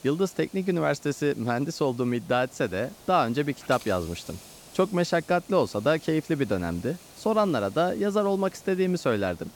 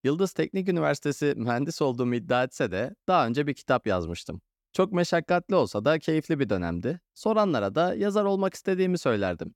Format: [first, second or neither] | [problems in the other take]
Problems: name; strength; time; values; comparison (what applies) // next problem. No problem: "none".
second | hiss; faint; throughout; 20 dB below the speech